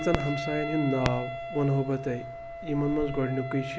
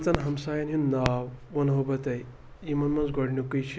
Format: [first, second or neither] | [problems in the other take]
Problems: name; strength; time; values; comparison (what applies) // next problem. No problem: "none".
second | background sound (Wind instrument, woodwind instrument); 8 dB below the speech